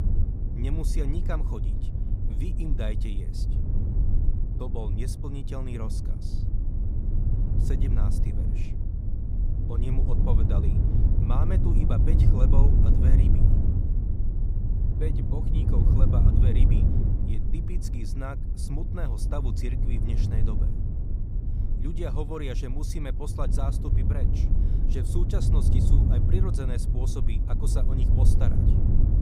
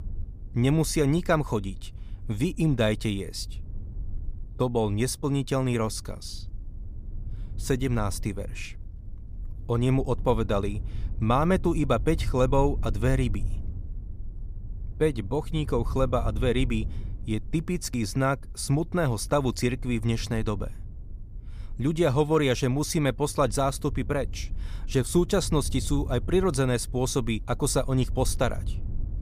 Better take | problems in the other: second | low rumble; loud; throughout; 1 dB below the speech; faint in the second

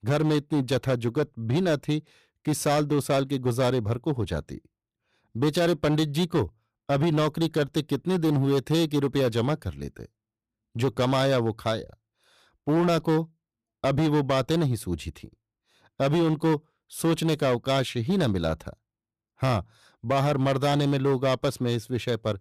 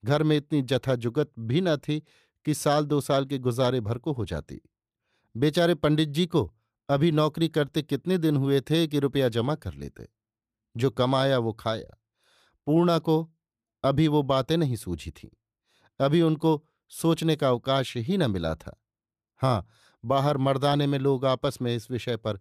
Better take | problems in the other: second | distortion; slight; 11% of the sound clipped

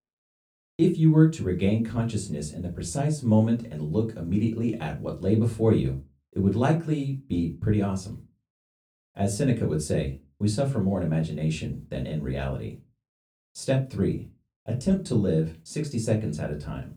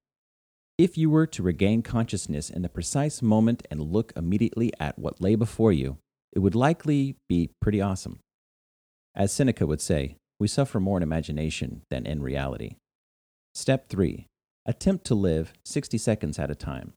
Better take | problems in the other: second | off-mic speech; somewhat distant // room echo; very slight; dies away in 0.2 s

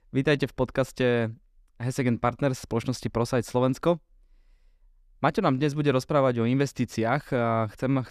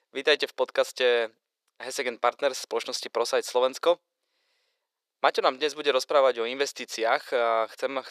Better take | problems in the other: first | thin; very; fading below 450 Hz

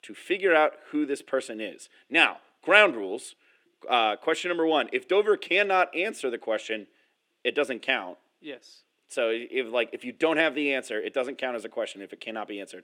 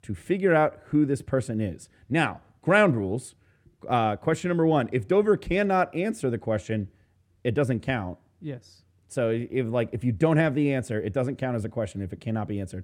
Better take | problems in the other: second | thin; somewhat; fading below 300 Hz

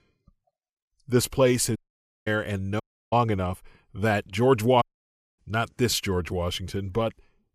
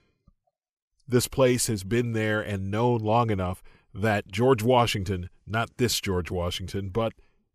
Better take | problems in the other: second | audio cutting out; at 2 s, at 3 s and at 5 s for 0.5 s

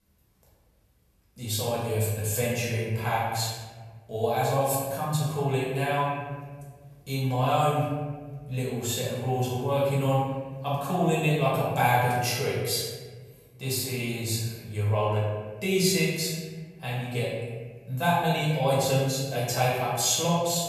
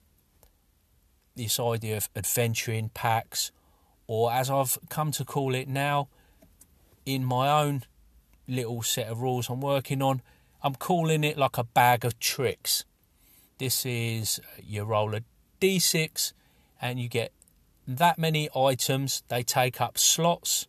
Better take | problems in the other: second | room echo; noticeable; dies away in 1.4 s // off-mic speech; far

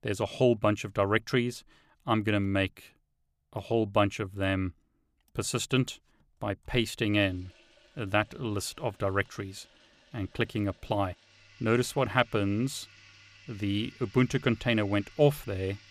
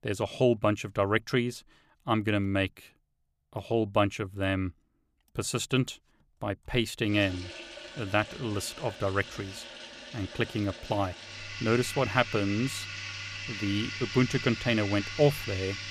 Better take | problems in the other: first | household noises; loud; from 7 s on; 9 dB below the speech; faint in the first

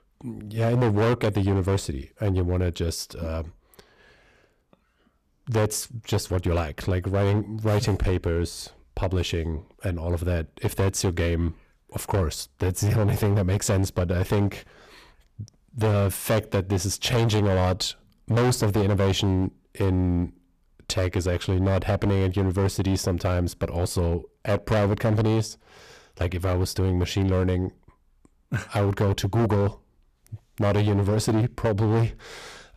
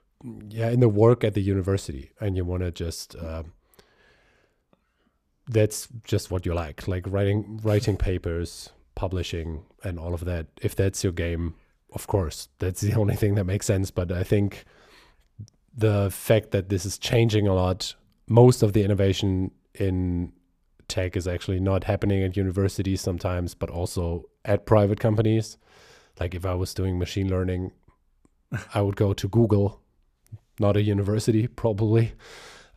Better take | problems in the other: second | distortion; heavy; 12% of the sound clipped

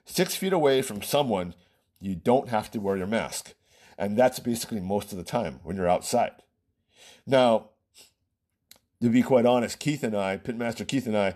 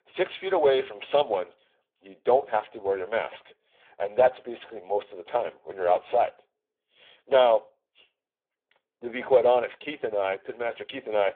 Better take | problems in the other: first | phone-call audio; poor line; nothing above 3.5 kHz

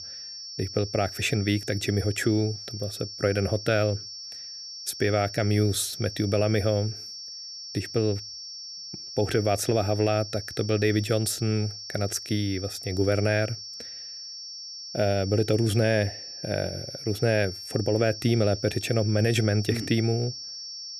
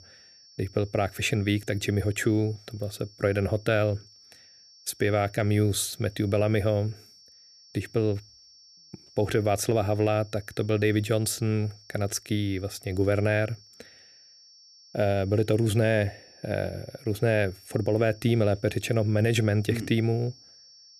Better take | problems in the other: second | high-pitched whine; loud; throughout; 5.5 kHz, 10 dB below the speech; faint in the second

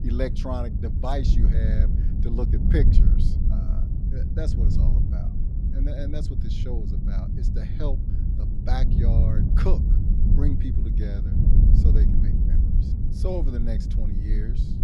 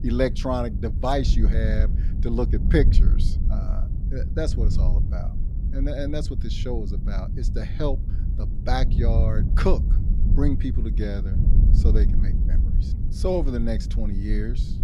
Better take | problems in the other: second | wind noise on the microphone; heavy; 2 dB below the speech; occasional gusts in the second

